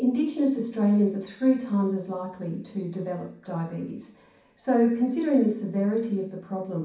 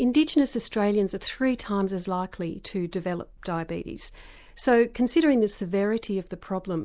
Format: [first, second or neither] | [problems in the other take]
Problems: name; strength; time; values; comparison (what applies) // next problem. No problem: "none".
second | room echo; dies away in 0.6 s